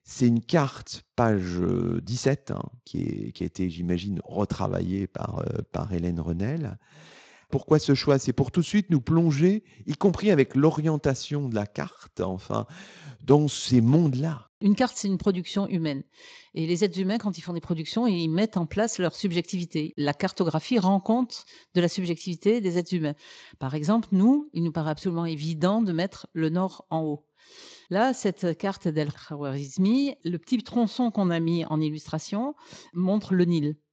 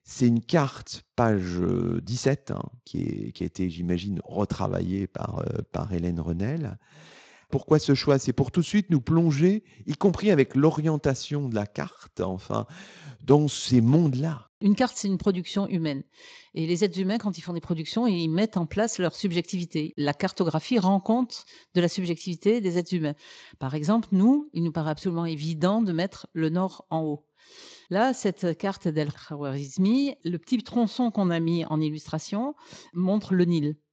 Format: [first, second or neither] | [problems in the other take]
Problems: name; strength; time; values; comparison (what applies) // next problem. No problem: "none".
neither | garbled, watery; slightly; nothing above 7.5 kHz; the same in both